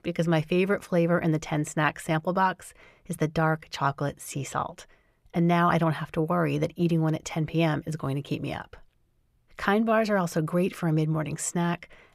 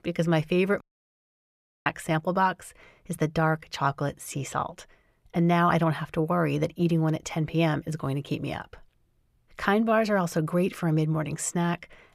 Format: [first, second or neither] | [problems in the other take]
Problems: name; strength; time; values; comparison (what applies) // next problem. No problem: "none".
first | audio cutting out; at 1 s for 1 s